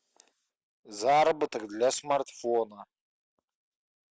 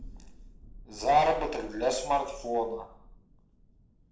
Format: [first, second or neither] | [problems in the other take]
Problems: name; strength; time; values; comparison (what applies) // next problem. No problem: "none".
first | background sound (Thunder); 16 dB below the speech // room echo; dies away in 0.6 s